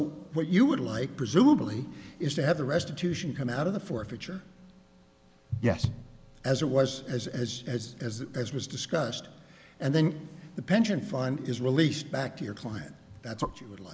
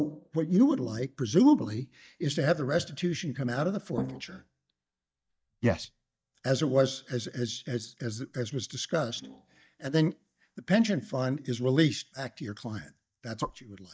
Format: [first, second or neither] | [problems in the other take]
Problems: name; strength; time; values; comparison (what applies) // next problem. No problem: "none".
first | noise reduction (neural mask model DeepFilterNet 3)